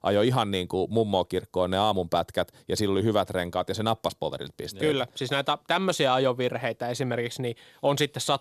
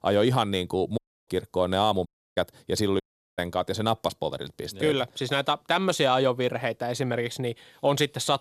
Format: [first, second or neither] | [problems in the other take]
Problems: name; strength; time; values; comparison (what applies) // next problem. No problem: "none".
first | audio cutting out; at 1 s, at 2 s and at 3 s